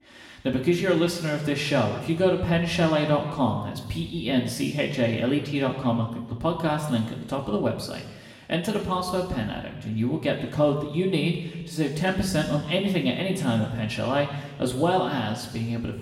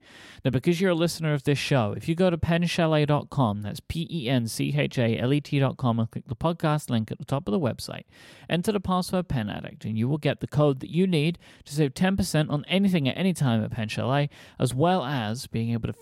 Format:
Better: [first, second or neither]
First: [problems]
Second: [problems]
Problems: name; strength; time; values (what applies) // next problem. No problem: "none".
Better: second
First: room echo; noticeable; dies away in 1.1 s // off-mic speech; somewhat distant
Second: none